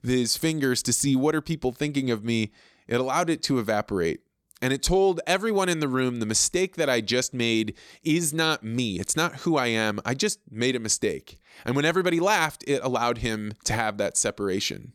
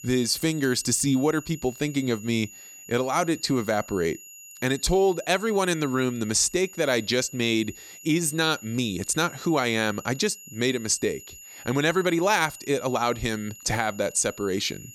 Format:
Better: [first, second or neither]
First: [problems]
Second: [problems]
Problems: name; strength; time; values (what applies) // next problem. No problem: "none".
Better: first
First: none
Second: high-pitched whine; noticeable; throughout; 7 kHz, 15 dB below the speech